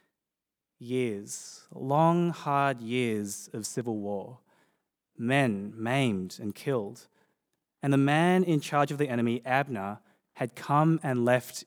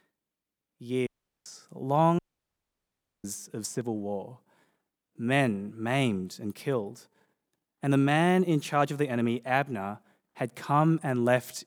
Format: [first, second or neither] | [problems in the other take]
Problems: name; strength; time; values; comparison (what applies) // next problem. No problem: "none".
first | audio cutting out; at 1 s and at 2 s for 1 s